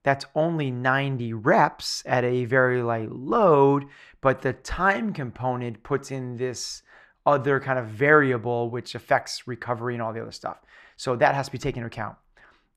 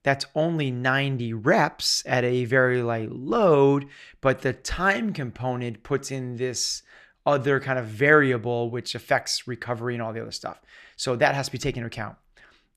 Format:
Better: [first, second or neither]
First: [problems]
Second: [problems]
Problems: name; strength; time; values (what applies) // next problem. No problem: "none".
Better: second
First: muffled; very slightly; fading above 2 kHz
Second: none